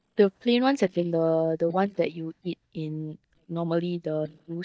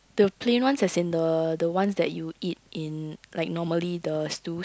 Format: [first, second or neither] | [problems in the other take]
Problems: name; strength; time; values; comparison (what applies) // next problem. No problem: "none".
second | noise reduction (neural mask model DeepFilterNet 3)